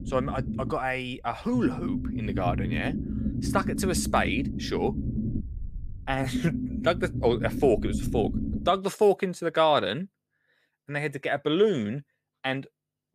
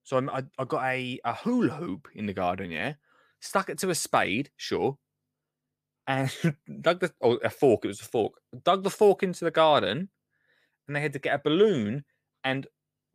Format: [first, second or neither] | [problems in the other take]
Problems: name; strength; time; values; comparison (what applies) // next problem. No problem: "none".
second | low rumble; noticeable; until 8.5 s; 10 dB below the speech